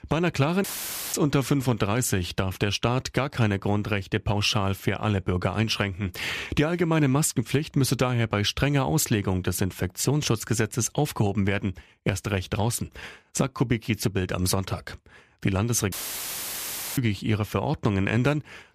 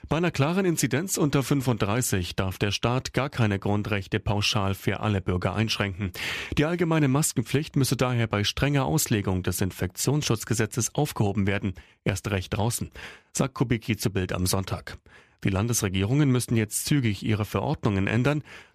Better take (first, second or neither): second